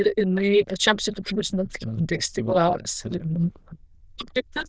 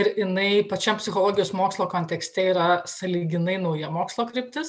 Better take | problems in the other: second | noise reduction (neural diffusion model UNIVERSE++)

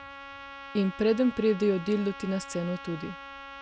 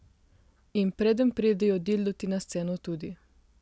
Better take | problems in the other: second | background sound (Trumpet); 14 dB below the speech

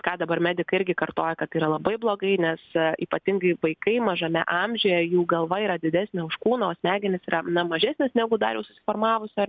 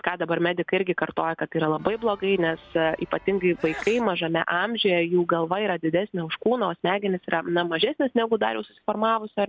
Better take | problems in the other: first | background sound (Sneeze / Church bell); 19 dB below the speech

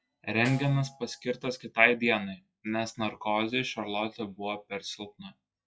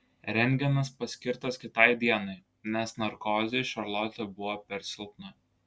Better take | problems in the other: second | noise reduction (classical method log-MMSE)

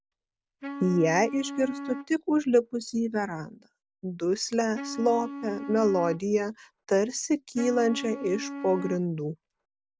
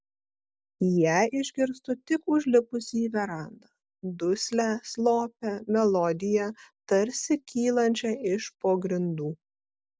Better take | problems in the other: second | background sound (Wind instrument, woodwind instrument); 11 dB below the speech

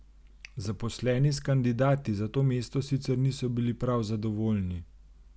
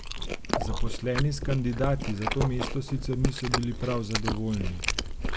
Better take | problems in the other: first | background sound (Chewing, mastication); as loud as the speech

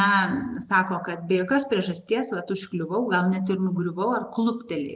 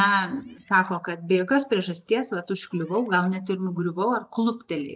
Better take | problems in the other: first | noise reduction (neural mask model DeepFilterNet 3)

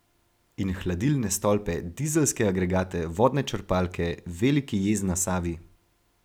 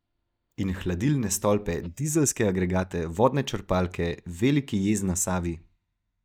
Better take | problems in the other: first | noise reduction (neural mask model DeepFilterNet 3)

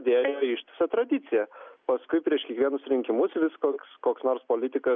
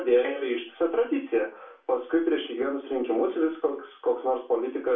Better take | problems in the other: first | room echo; dies away in 0.3 s

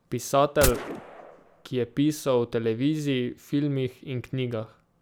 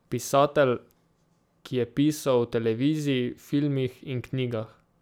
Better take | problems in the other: second | background sound (Gunshot, gunfire); 7 dB below the speech

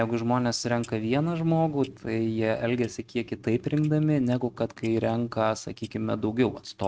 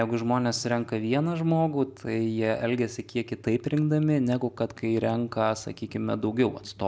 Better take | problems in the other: second | noise reduction (neural mask model RNNoise)

